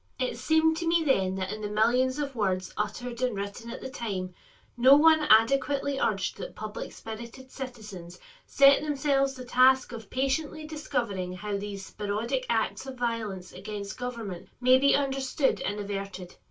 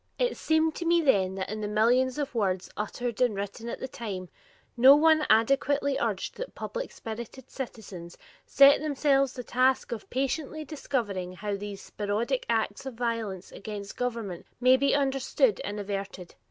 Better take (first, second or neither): second